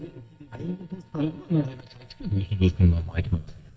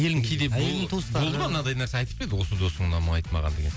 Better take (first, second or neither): second